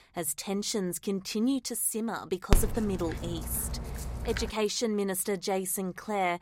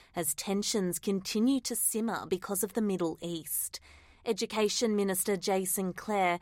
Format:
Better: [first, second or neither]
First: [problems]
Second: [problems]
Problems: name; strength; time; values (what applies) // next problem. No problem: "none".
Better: second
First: dog barking; loud; from 2.5 to 4.5 s; peak 2 dB above the speech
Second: none